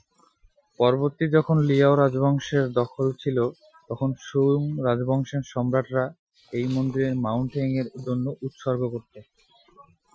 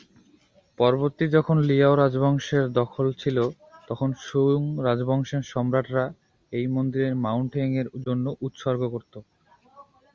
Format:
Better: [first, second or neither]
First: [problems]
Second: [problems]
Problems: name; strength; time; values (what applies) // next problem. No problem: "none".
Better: second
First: noise reduction (classical method Wiener filter)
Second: none